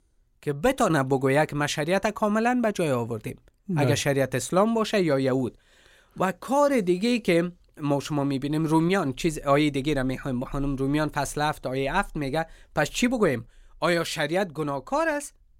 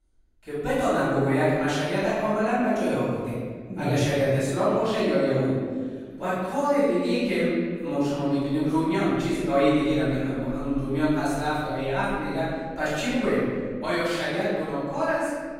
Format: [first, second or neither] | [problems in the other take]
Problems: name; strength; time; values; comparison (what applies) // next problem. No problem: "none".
first | room echo; strong; dies away in 1.6 s // off-mic speech; far